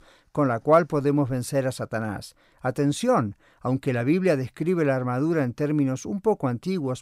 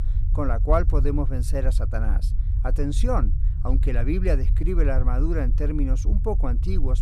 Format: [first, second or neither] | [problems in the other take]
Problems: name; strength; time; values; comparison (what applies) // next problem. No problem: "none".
first | low rumble; noticeable; throughout; 15 dB below the speech